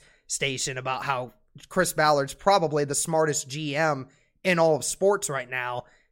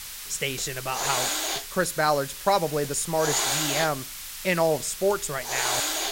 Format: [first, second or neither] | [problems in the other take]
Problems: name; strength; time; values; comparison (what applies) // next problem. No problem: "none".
first | hiss; loud; throughout; 2 dB below the speech